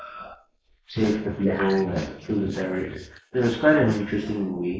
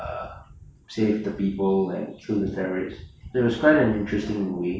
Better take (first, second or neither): second